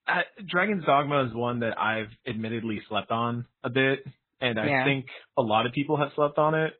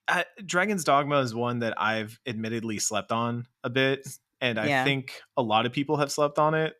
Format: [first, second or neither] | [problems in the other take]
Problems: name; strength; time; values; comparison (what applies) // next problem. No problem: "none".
second | garbled, watery; badly; nothing above 3.5 kHz